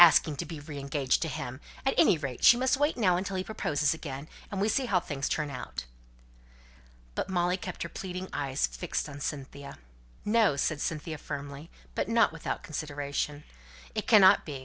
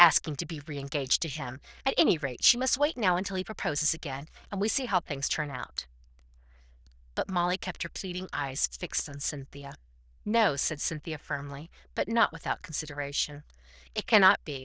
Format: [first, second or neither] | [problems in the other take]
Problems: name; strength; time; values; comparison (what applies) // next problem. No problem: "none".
first | noise reduction (neural diffusion model UNIVERSE++)